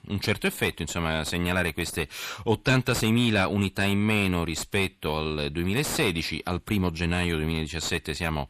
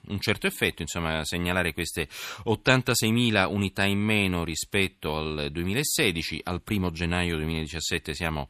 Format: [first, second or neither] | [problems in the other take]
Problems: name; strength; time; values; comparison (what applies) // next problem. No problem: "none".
second | distortion; slight; 10 dB below the speech